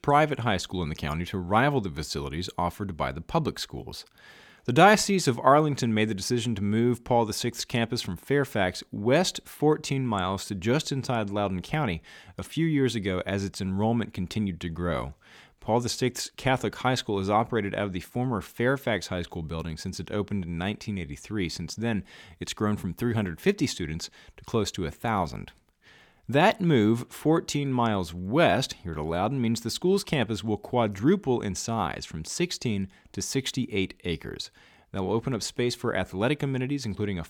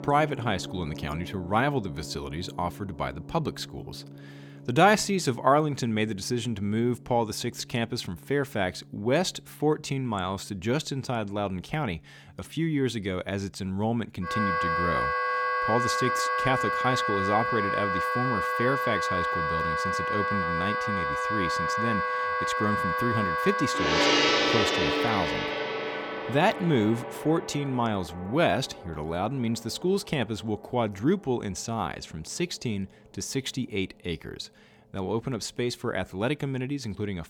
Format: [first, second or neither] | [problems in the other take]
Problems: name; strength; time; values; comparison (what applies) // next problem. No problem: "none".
first | background music; very loud; throughout; 2 dB above the speech